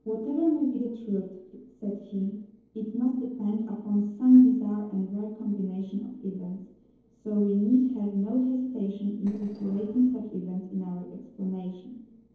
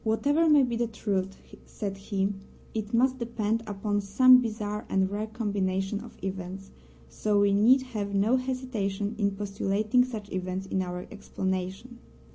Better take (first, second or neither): second